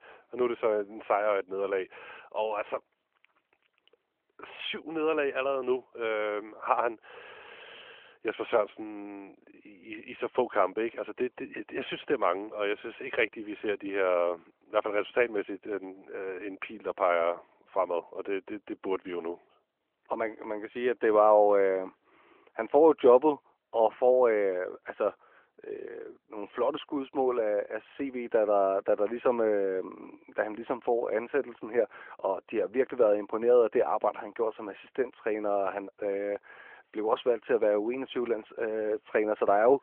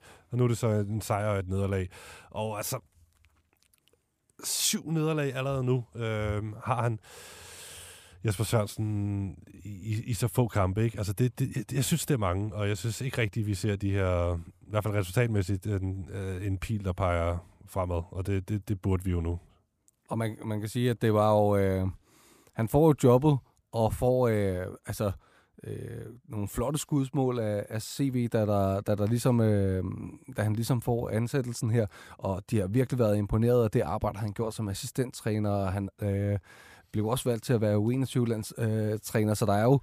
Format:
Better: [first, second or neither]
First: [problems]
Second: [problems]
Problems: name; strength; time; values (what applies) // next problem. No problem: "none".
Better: second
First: phone-call audio; nothing above 3.5 kHz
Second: none